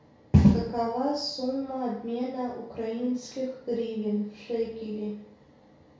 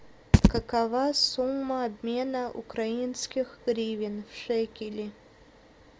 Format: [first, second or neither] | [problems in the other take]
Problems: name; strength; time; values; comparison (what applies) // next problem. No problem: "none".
second | room echo; dies away in 0.6 s